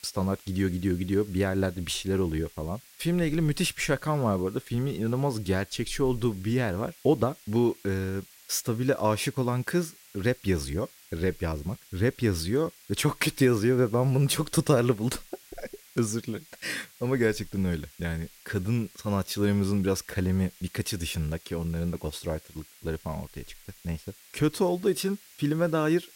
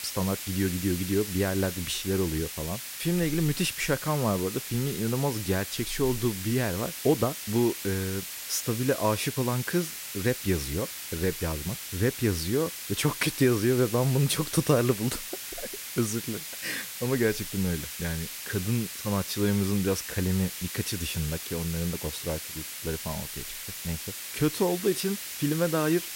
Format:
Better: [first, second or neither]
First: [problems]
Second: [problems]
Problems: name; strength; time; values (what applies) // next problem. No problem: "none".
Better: first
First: hiss; faint; throughout; 25 dB below the speech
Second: hiss; loud; throughout; 6 dB below the speech